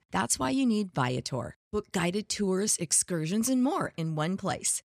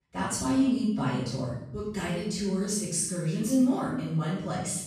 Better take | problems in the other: first | off-mic speech; far // room echo; strong; dies away in 0.9 s

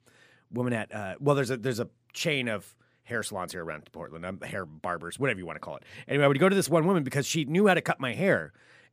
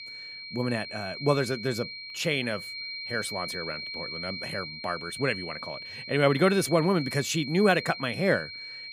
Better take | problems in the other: first | high-pitched whine; loud; throughout; 4 kHz, 8 dB below the speech

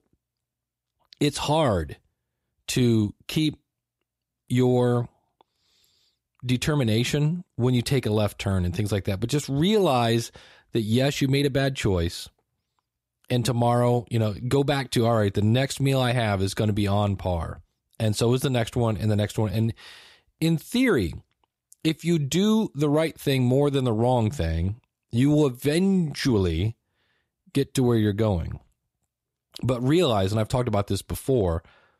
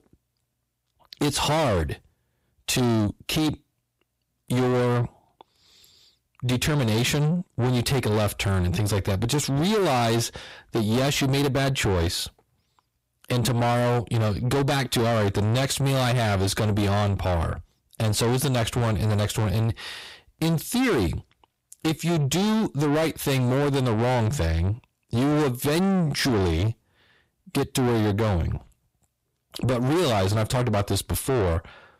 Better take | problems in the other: first | distortion; heavy; 7 dB below the speech

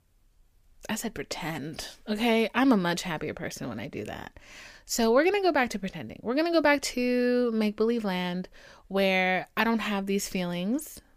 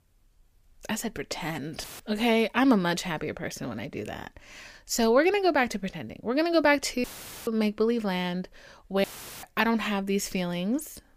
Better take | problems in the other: first | audio cutting out; filled with static; at 2 s, at 7 s and at 9 s

